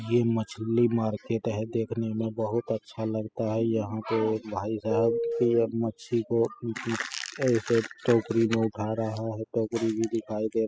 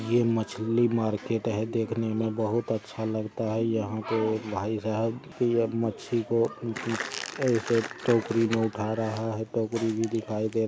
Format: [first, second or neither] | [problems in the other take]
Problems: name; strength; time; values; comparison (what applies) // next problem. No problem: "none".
second | noise reduction (classical method spectral subtraction)